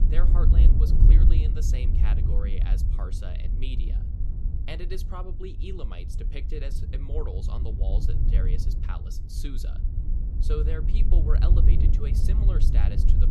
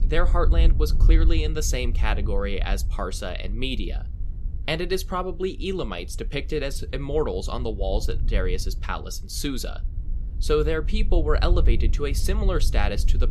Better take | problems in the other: second | wind noise on the microphone; heavy; 2 dB below the speech; occasional gusts in the second

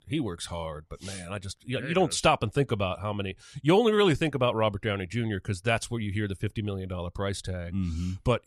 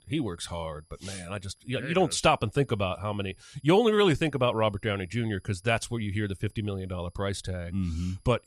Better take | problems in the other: first | high-pitched whine; faint; throughout; 10.5 kHz, 35 dB below the speech

